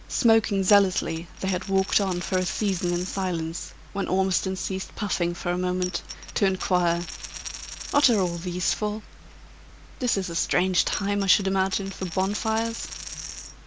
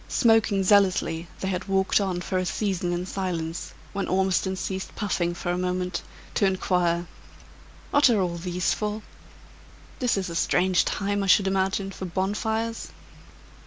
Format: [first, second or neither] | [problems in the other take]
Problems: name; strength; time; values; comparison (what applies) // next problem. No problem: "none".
second | background sound (Coin (dropping)); 12 dB below the speech